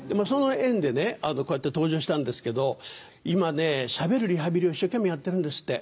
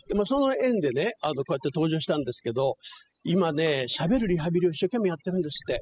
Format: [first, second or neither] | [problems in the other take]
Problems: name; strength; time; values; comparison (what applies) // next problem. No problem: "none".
first | noise reduction (classical method spectral subtraction)